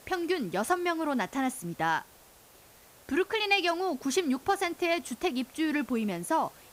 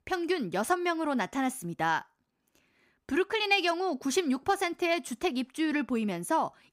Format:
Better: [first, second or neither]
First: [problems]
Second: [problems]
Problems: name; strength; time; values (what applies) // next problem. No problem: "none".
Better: second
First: hiss; faint; throughout; 25 dB below the speech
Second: none